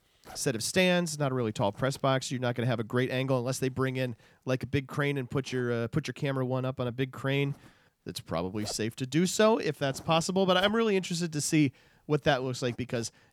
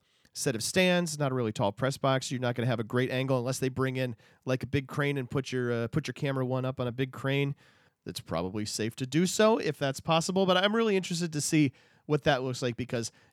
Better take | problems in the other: second | household noises; faint; throughout; 20 dB below the speech

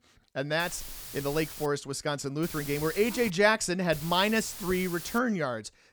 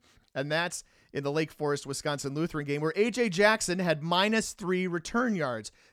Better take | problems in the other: second | hiss; noticeable; from 0.5 to 1.5 s, at 2.5 s and from 4 to 5 s; 10 dB below the speech

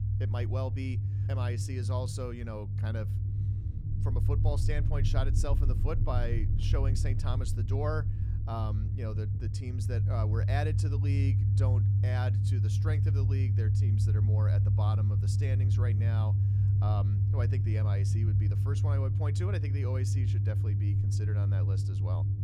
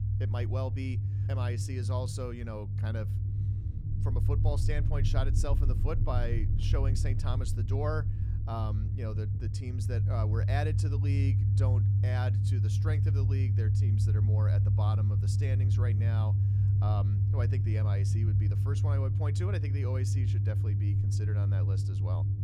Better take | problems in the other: neither | low rumble; loud; throughout; 1 dB below the speech; the same in both

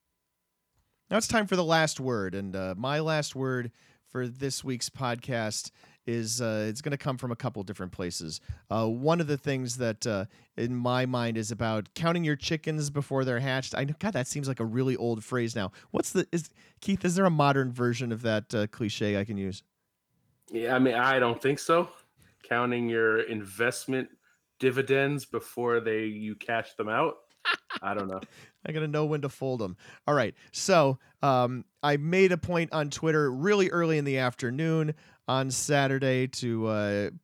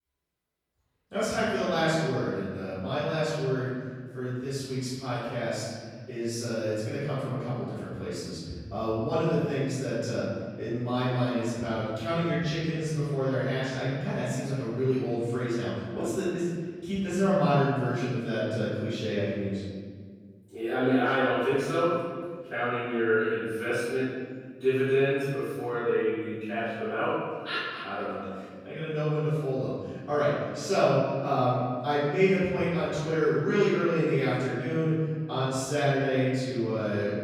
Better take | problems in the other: first | off-mic speech; far // room echo; strong; dies away in 1.8 s

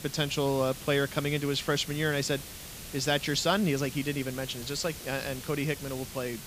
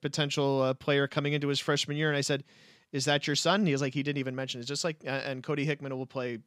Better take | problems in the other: second | hiss; noticeable; throughout; 10 dB below the speech

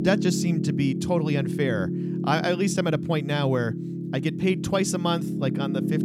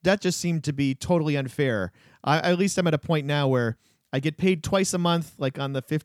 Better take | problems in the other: second | background music; loud; throughout; 3 dB below the speech

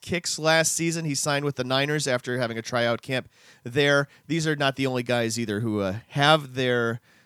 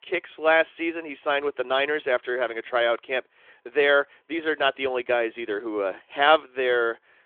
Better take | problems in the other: first | phone-call audio; nothing above 3.5 kHz

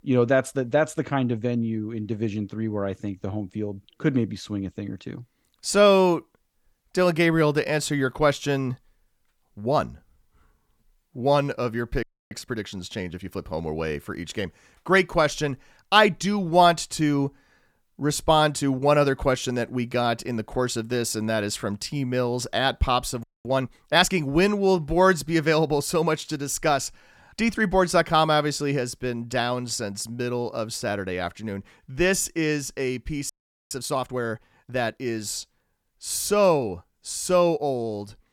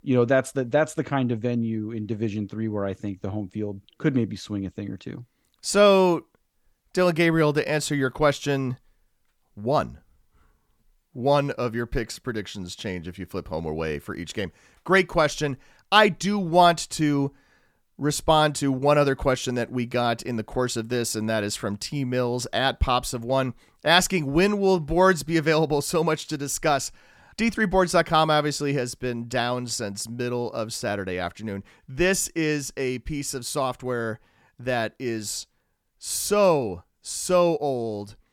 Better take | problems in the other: second | audio freezing; at 12 s, at 23 s and at 33 s

